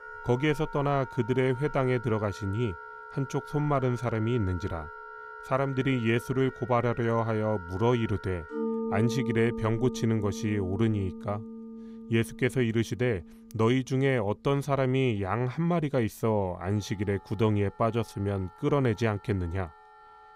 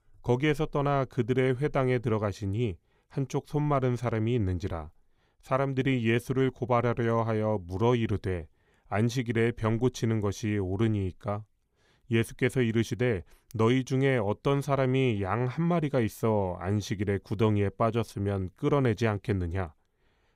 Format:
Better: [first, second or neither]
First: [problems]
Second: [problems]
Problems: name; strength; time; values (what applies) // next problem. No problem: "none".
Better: second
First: background music; noticeable; throughout; 10 dB below the speech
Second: none